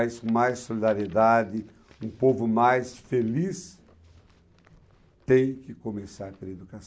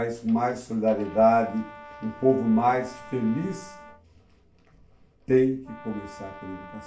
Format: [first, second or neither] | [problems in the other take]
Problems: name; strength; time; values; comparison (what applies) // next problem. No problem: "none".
first | background sound (Brass instrument); 20 dB below the speech // room echo; dies away in 0.3 s